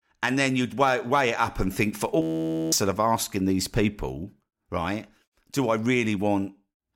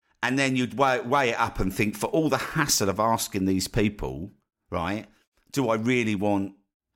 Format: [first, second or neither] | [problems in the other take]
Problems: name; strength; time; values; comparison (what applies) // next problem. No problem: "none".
second | audio freezing; at 2 s for 0.5 s